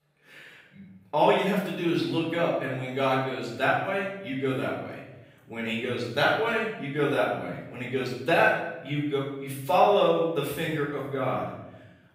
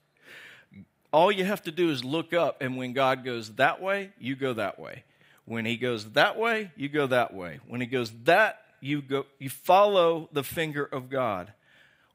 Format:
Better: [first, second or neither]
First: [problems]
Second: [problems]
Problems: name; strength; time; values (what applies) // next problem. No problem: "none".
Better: second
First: off-mic speech; far // room echo; noticeable; dies away in 0.9 s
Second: none